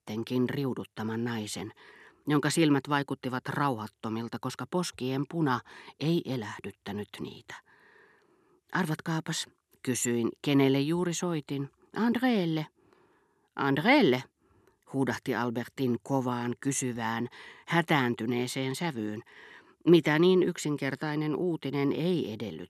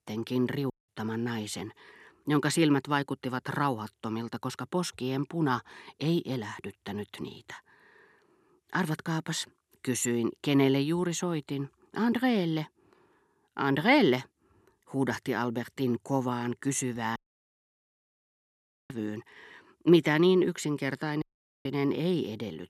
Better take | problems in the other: first | audio cutting out; at 0.5 s, at 17 s for 1.5 s and at 21 s

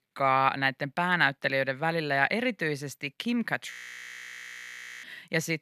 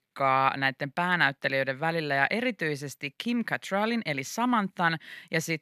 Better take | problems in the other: second | audio freezing; at 3.5 s for 1.5 s

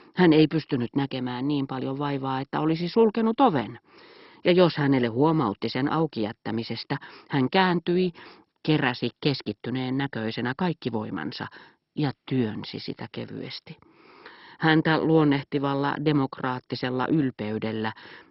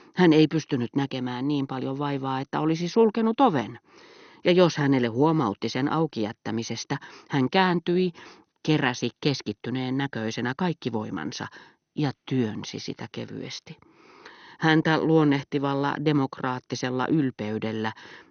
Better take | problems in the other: second | garbled, watery; badly; nothing above 5.5 kHz; slightly in the second

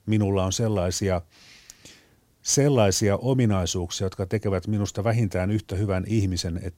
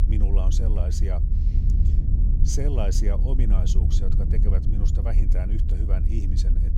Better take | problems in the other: first | low rumble; loud; throughout; 4 dB below the speech

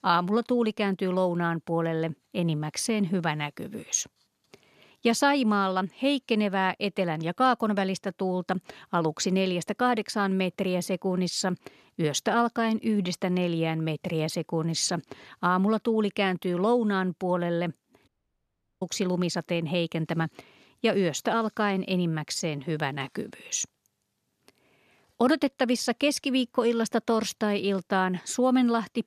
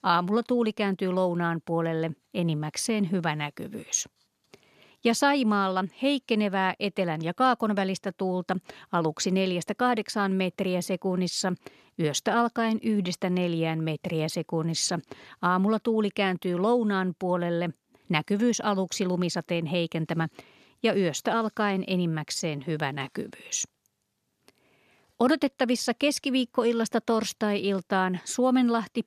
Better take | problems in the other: second | audio cutting out; at 18 s for 0.5 s

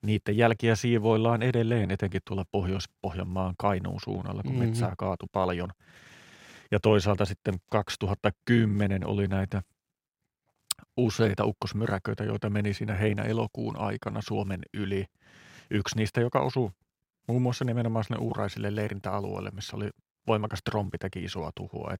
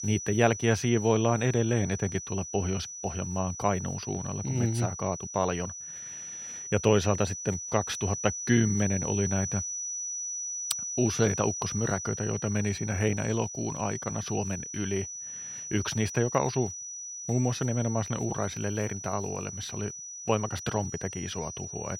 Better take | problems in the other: first | high-pitched whine; loud; throughout; 6 kHz, 6 dB below the speech

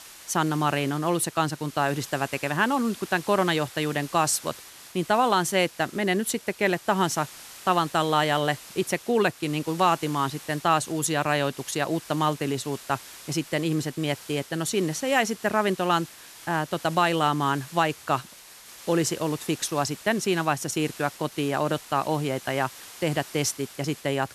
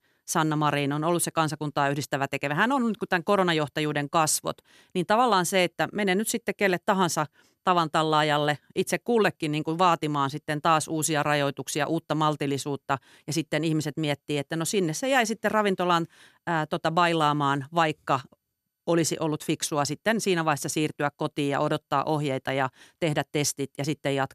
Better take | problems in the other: second | hiss; noticeable; throughout; 15 dB below the speech

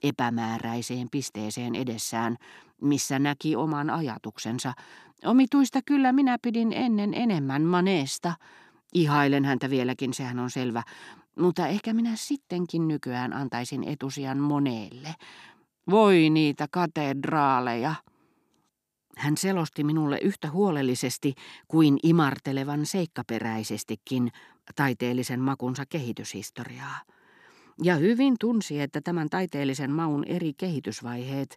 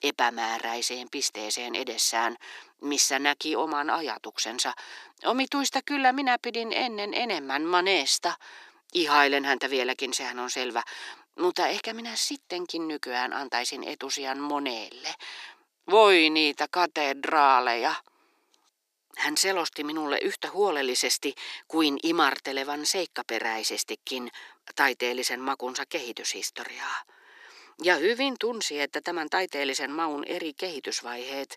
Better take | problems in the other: first | thin; very; fading below 400 Hz

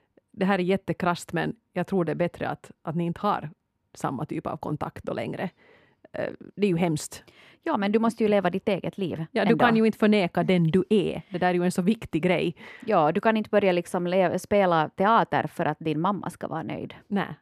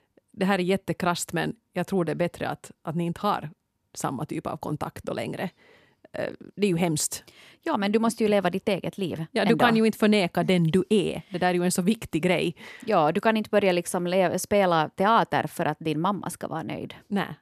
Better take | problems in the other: second | muffled; slightly; fading above 3.5 kHz

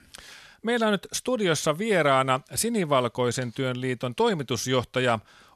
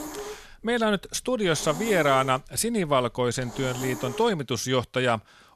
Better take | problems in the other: first | hiss; noticeable; until 4.5 s; 10 dB below the speech

